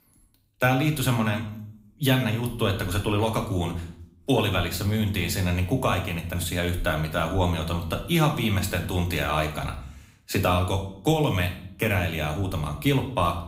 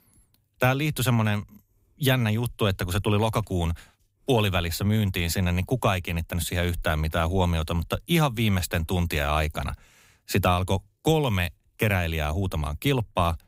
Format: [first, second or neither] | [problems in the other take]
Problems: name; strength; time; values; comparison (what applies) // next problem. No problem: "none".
second | room echo; slight; dies away in 0.5 s